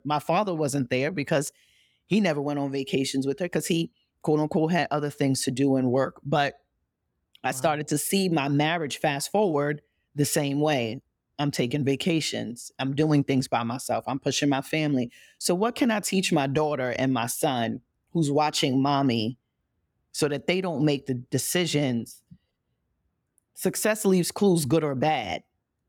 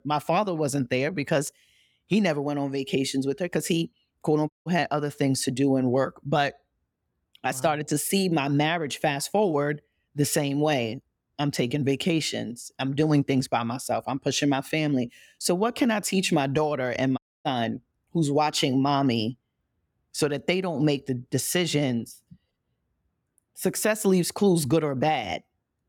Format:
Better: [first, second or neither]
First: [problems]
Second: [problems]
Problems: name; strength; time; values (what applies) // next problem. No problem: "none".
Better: first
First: none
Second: audio cutting out; at 4.5 s and at 17 s